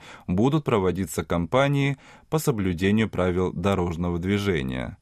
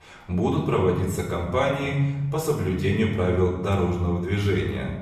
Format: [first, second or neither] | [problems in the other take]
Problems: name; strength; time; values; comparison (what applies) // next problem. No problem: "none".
first | off-mic speech; far // room echo; noticeable; dies away in 1 s